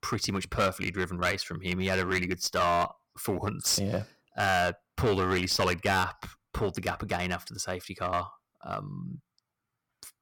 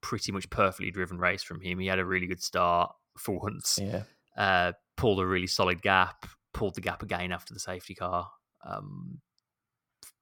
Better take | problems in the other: second | distortion; heavy; 5% of the sound clipped

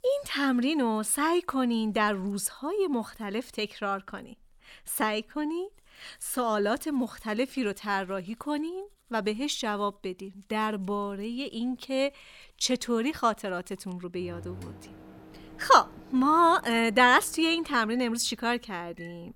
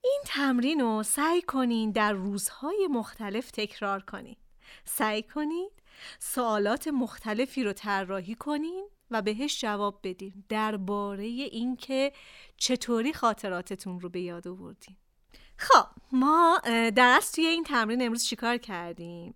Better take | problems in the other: second | household noises; faint; throughout; 25 dB below the speech

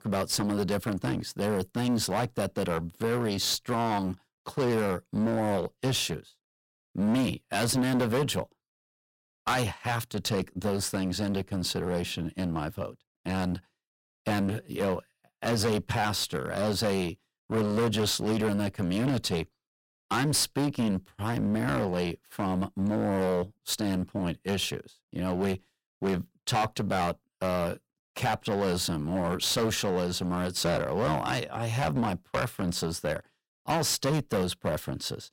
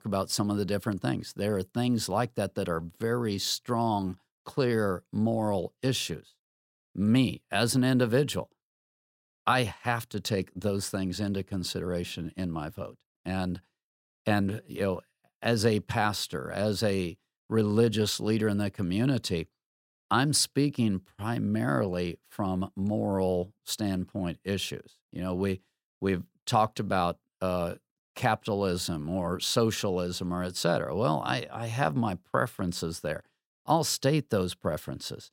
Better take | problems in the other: second | distortion; heavy; 12% of the sound clipped

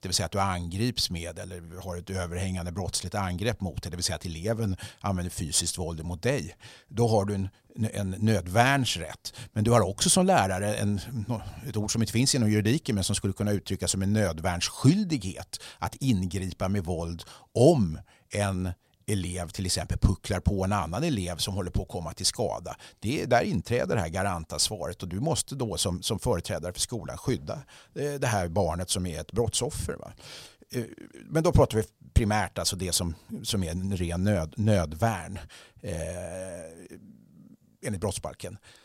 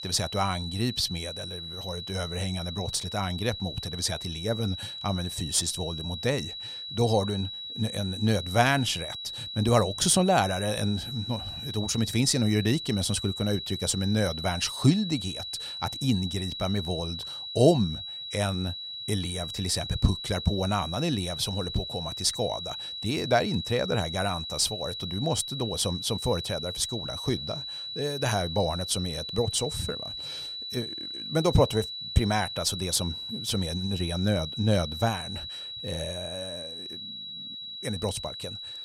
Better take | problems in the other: first | high-pitched whine; loud; throughout; 4 kHz, 6 dB below the speech

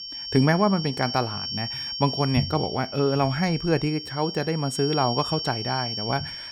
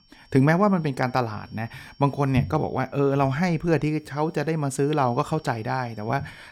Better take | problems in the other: second | high-pitched whine; loud; throughout; 5.5 kHz, 6 dB below the speech; faint in the second

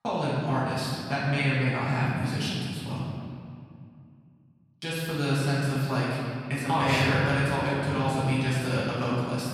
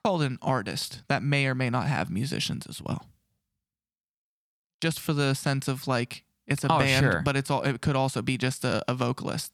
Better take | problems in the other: second | off-mic speech; far // room echo; strong; dies away in 2.2 s

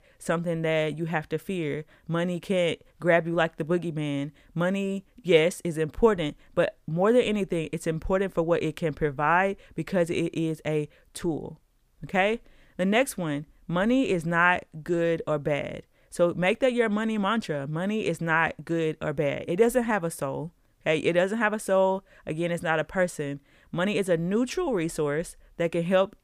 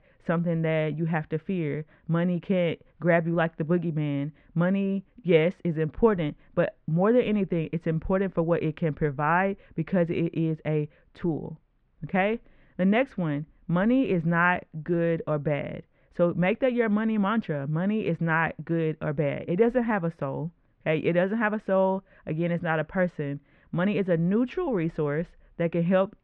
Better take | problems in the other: first | muffled; very; fading above 2.5 kHz

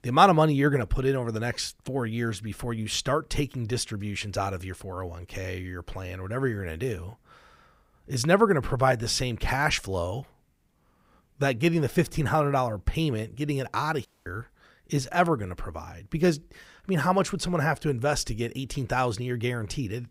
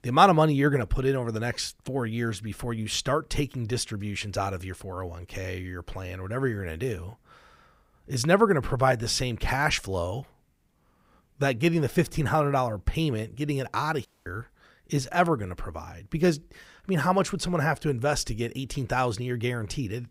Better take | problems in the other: neither | audio cutting out; at 14 s; the same in both

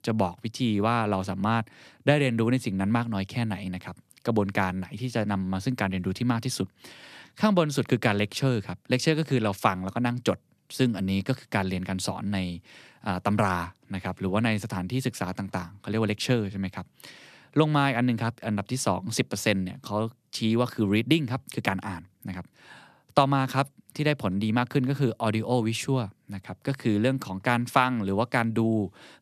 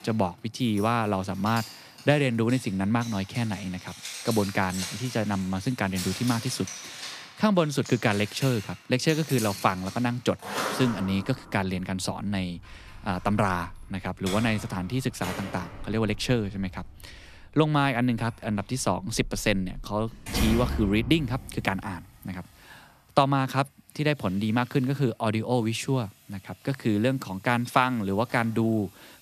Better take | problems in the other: first | household noises; noticeable; throughout; 10 dB below the speech

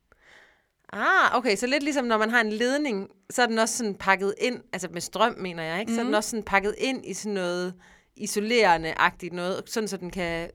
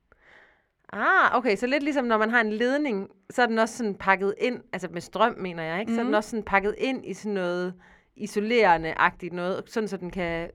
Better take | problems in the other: first | muffled; slightly; fading above 3.5 kHz

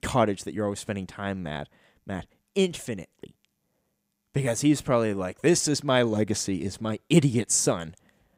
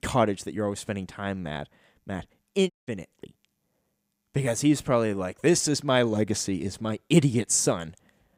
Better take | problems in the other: first | audio cutting out; at 2.5 s

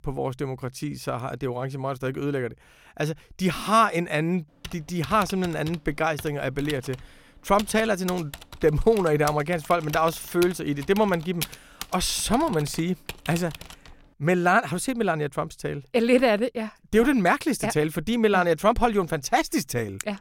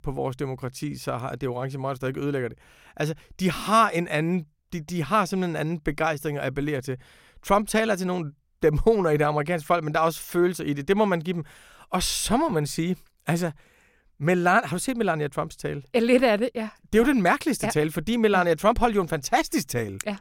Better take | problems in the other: second | keyboard typing; noticeable; from 4.5 to 14 s; peak 8 dB below the speech

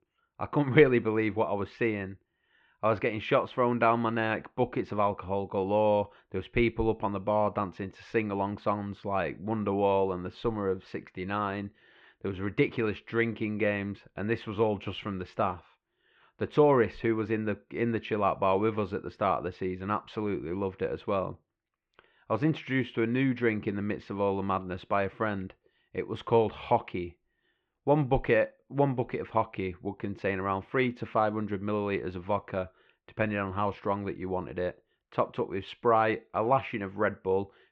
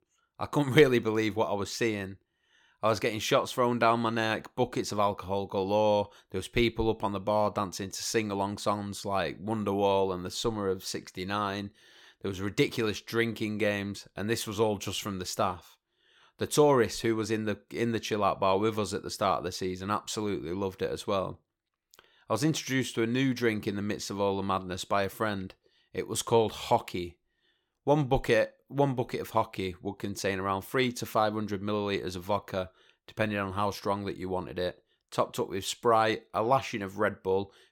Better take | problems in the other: second | muffled; very; fading above 2.5 kHz

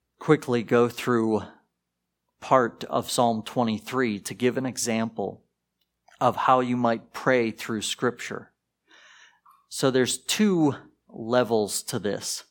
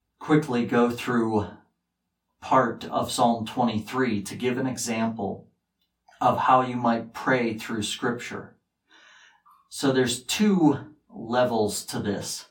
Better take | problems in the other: first | off-mic speech; far // room echo; very slight; dies away in 0.2 s

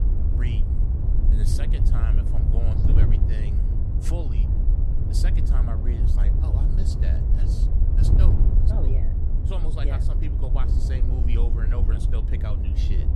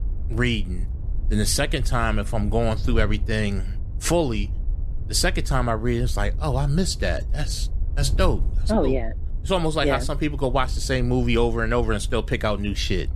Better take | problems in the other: second | wind noise on the microphone; heavy; 1 dB above the speech; occasional gusts in the second

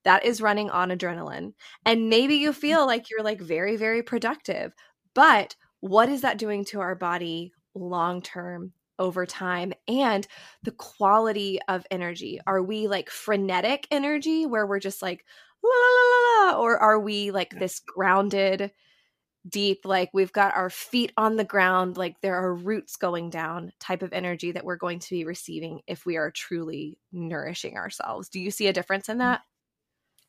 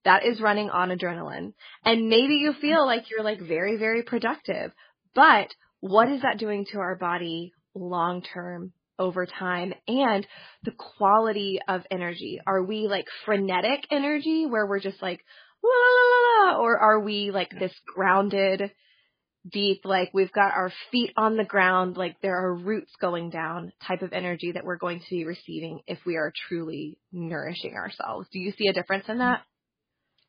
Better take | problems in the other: first | garbled, watery; badly; nothing above 4.5 kHz

